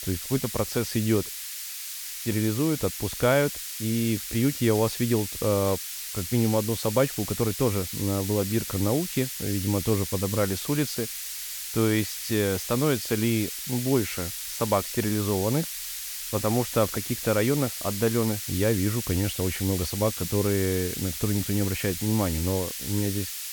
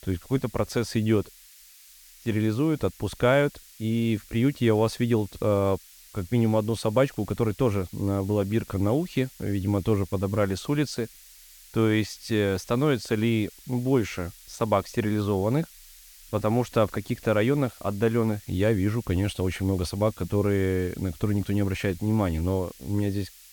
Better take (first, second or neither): second